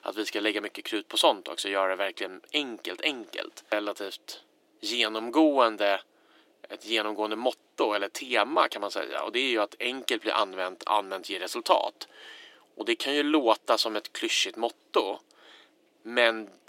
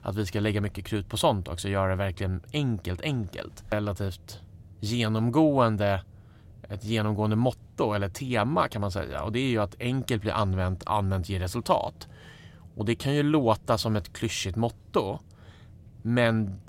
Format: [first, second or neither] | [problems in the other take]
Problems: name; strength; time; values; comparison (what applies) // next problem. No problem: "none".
second | thin; very; fading below 300 Hz